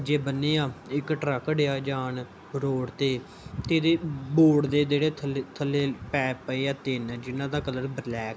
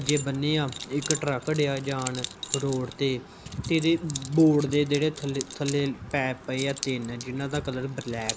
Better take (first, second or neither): first